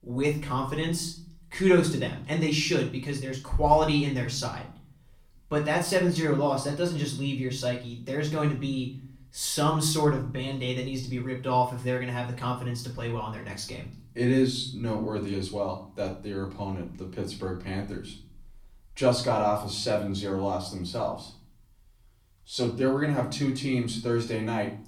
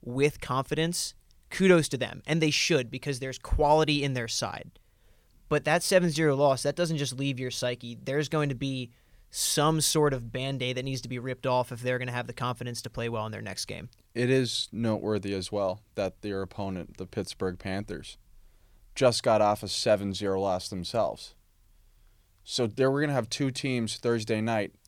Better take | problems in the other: second | off-mic speech; far // room echo; slight; dies away in 0.4 s

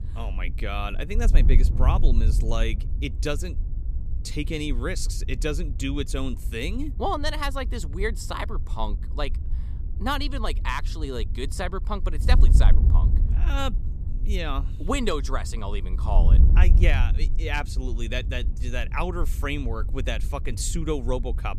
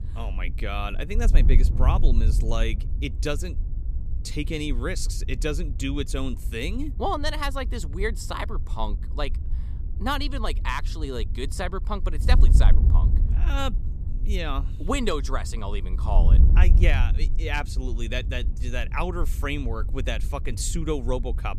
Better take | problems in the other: neither | wind noise on the microphone; occasional gusts; 15 dB below the speech; the same in both

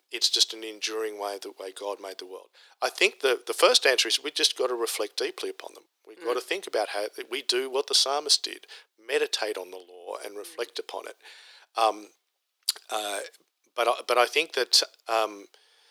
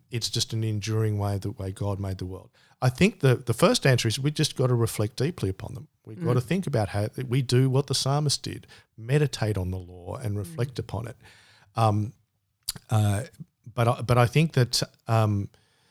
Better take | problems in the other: second | thin; very; fading below 350 Hz

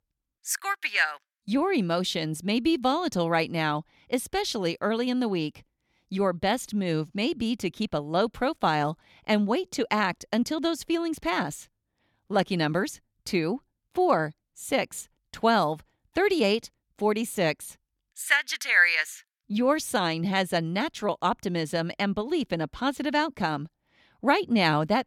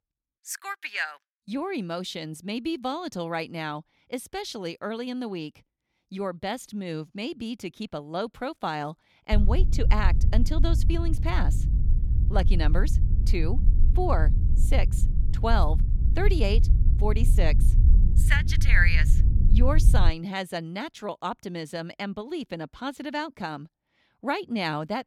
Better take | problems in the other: first | low rumble; noticeable; from 9.5 to 20 s; 10 dB below the speech

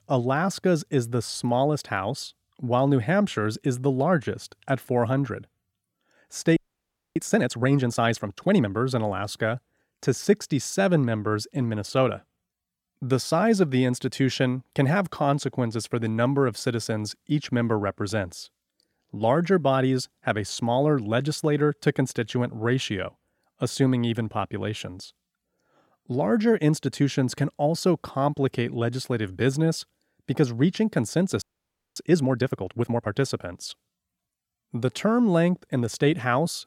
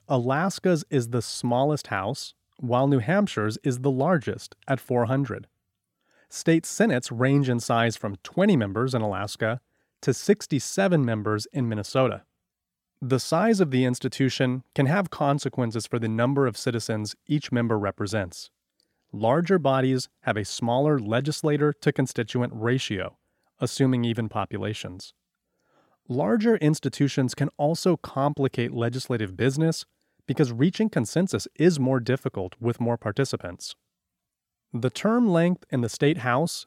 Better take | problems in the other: second | audio freezing; at 6.5 s for 0.5 s and at 31 s for 0.5 s

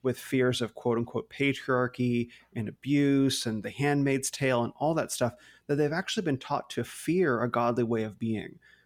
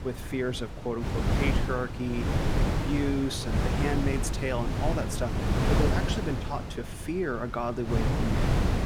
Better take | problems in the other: first | wind noise on the microphone; heavy; as loud as the speech

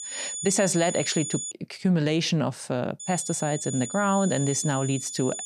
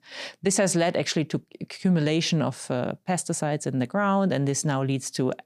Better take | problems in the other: second | high-pitched whine; loud; until 1.5 s and from 3 s on; 7 kHz, 6 dB below the speech

